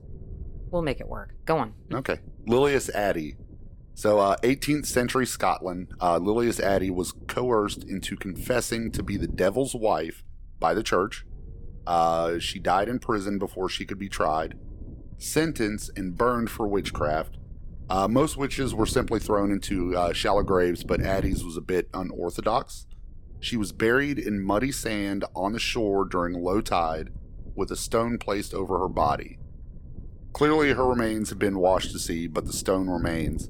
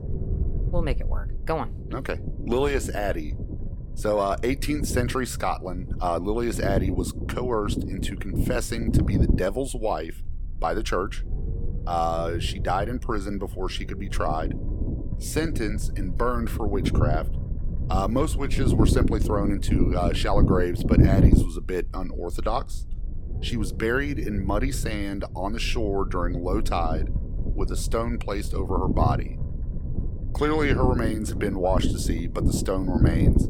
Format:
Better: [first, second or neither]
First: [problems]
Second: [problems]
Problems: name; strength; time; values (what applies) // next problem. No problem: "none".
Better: first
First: low rumble; faint; throughout; 25 dB below the speech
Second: low rumble; loud; throughout; 8 dB below the speech